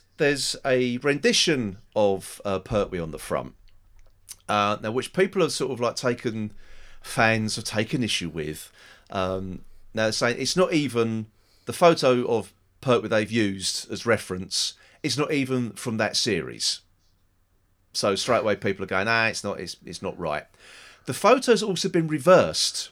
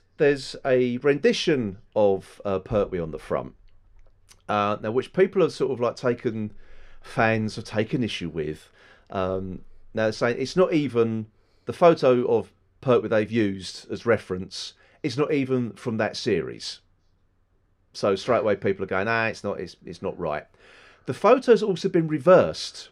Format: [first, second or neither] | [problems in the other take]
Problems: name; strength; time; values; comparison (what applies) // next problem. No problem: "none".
first | muffled; slightly; fading above 2 kHz